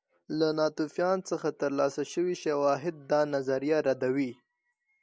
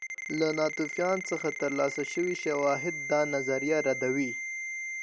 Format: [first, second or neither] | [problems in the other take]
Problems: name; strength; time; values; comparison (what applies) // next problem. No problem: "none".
first | background sound (Ringtone); 7 dB below the speech